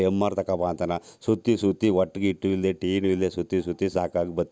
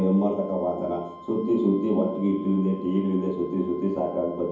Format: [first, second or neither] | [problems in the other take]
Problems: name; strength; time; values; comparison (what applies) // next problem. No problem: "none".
first | background sound (Wind instrument, woodwind instrument); 20 dB below the speech // room echo; dies away in 1.2 s